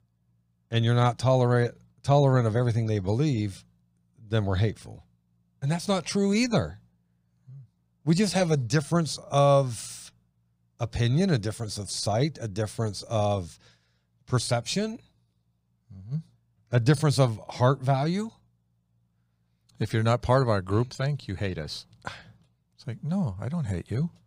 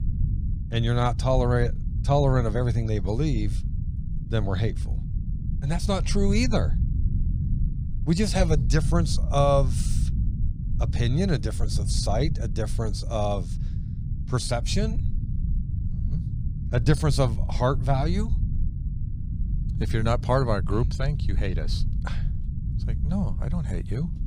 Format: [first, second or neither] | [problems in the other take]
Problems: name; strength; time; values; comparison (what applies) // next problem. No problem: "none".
first | low rumble; noticeable; throughout; 15 dB below the speech